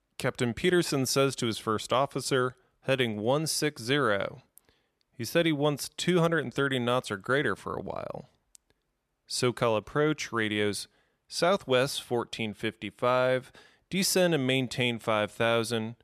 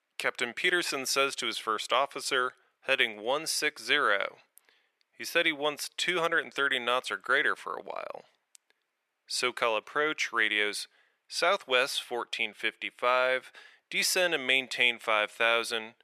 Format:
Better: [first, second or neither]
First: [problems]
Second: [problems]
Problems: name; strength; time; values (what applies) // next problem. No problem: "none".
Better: first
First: none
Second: thin; very; fading below 450 Hz